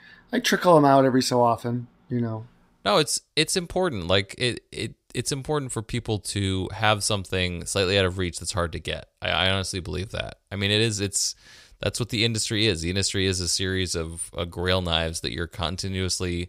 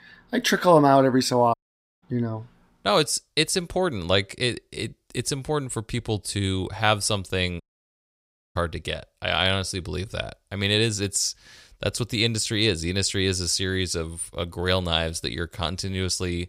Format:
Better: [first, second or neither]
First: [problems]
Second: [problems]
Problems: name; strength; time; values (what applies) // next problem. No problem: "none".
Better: first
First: none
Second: audio cutting out; at 1.5 s and at 7.5 s for 1 s